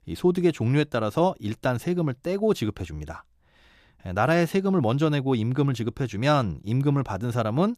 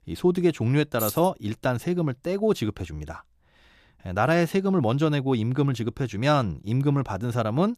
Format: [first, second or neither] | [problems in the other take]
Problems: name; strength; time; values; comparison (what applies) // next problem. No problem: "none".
first | jangling keys; noticeable; at 1 s; peak 6 dB below the speech